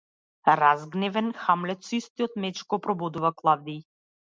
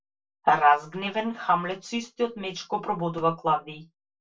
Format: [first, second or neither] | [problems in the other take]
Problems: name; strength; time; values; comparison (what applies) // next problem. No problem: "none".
first | room echo; dies away in 0.2 s